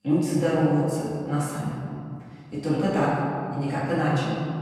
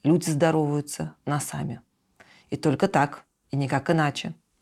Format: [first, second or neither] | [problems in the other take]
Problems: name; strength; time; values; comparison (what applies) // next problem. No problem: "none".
second | off-mic speech; far // room echo; strong; dies away in 2.2 s